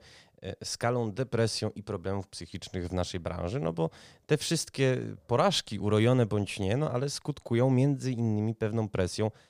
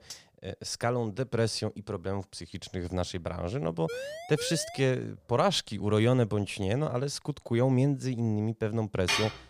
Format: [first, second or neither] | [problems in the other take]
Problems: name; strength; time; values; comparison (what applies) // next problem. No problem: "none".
first | clattering dishes; faint; at the start; peak 15 dB below the speech // siren; noticeable; at 4 s; peak 8 dB below the speech // clattering dishes; loud; at 9 s; peak 1 dB above the speech